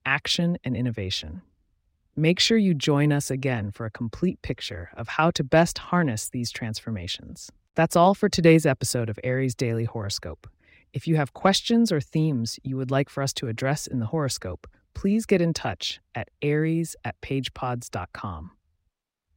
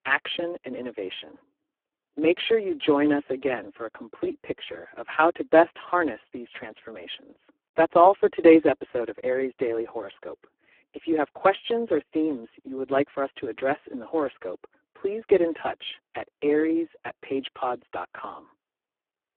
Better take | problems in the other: first | phone-call audio; poor line

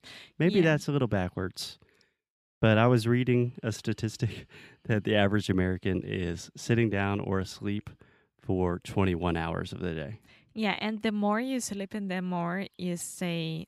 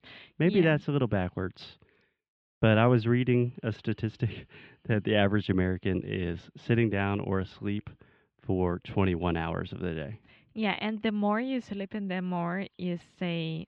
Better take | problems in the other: first | muffled; slightly; fading above 3 kHz

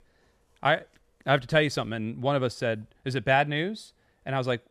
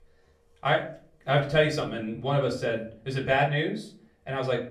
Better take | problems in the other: first | off-mic speech; far // room echo; very slight; dies away in 0.3 s

